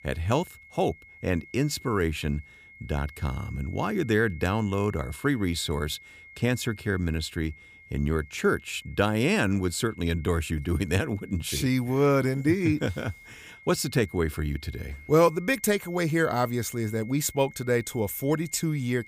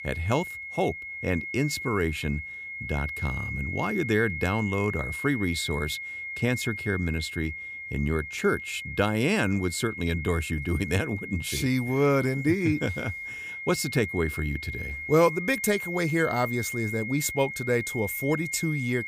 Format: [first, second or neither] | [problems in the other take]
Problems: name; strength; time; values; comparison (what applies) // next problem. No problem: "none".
first | high-pitched whine; loud; throughout; 2 kHz, 6 dB below the speech; faint in the first